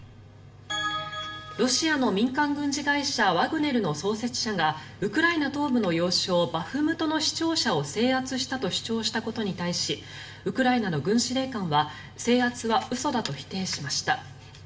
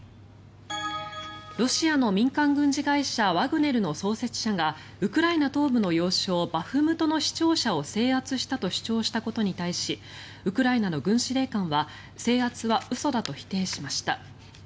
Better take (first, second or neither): second